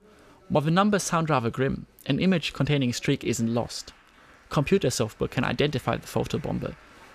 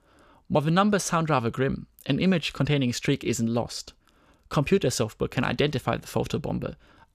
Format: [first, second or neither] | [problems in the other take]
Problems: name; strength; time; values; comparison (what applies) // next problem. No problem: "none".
second | crowd noise; faint; throughout; 30 dB below the speech